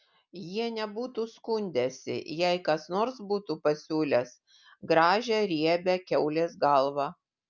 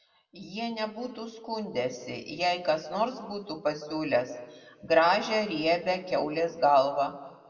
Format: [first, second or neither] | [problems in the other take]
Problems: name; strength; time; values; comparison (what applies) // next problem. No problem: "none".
first | room echo; dies away in 1.5 s